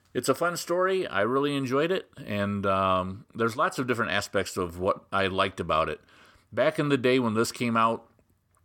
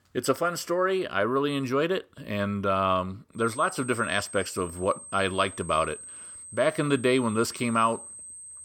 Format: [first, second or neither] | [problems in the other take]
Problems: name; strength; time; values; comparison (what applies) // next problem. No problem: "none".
first | high-pitched whine; noticeable; from 3.5 s on; 8.5 kHz, 15 dB below the speech